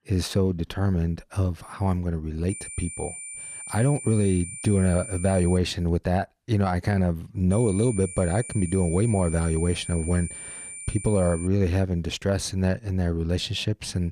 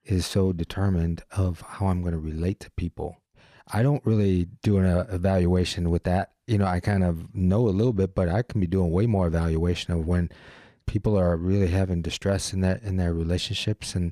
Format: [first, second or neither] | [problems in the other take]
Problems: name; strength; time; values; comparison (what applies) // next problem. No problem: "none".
second | high-pitched whine; noticeable; from 2.5 to 5.5 s and from 7.5 to 11 s; 9 kHz, 10 dB below the speech